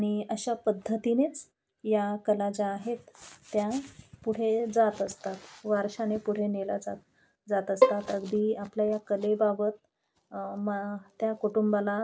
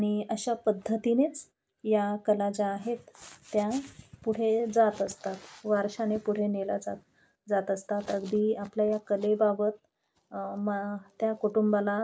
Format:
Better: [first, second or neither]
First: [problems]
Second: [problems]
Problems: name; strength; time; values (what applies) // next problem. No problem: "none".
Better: second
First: background sound (Bowed string instrument); as loud as the speech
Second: none